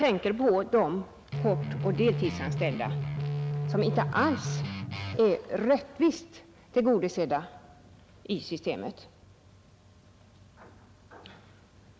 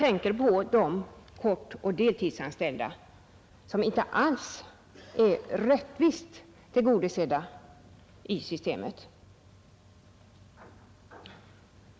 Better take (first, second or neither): second